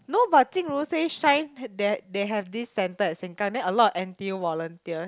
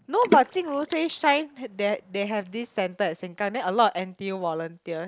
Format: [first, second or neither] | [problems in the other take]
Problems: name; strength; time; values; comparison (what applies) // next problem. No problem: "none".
first | noise reduction (neural mask model Resemble Enhance denoiser)